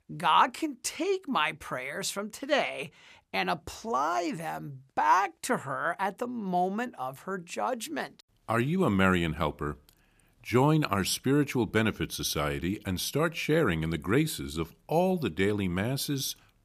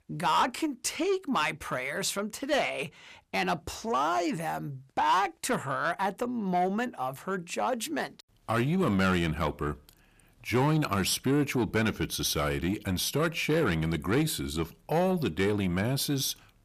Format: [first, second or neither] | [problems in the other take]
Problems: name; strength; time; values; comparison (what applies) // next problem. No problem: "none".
first | distortion; slight; 10 dB below the speech